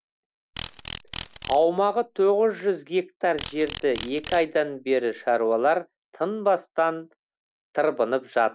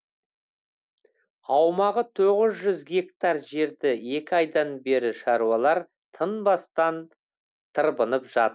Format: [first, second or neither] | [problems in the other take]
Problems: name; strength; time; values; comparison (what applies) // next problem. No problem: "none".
second | background sound (Insect); 15 dB below the speech